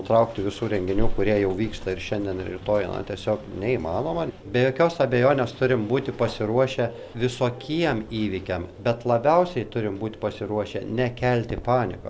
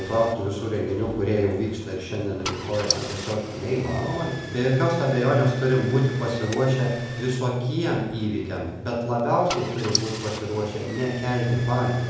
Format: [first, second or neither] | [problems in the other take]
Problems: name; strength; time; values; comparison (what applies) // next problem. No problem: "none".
first | background sound (Engine starting / Car); 12 dB below the speech // room echo; dies away in 0.9 s